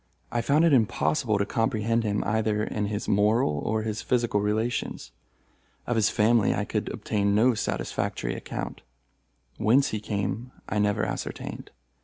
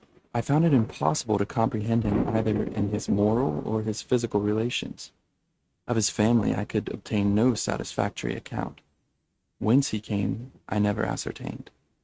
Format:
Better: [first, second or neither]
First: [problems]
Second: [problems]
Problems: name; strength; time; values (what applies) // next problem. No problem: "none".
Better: first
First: none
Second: noise reduction (neural mask model RNNoise)